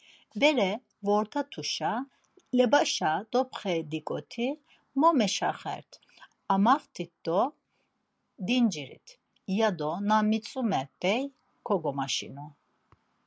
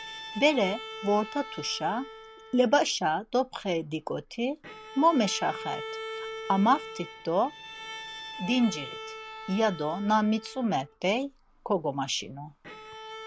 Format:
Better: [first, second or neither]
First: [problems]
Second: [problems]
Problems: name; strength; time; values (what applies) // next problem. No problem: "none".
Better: first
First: none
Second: background sound (Bowed string instrument); 13 dB below the speech